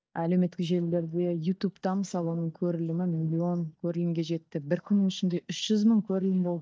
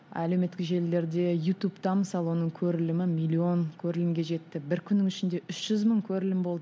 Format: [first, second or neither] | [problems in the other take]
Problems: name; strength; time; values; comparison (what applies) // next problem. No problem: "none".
second | noise reduction (neural mask model DeepFilterNet 3)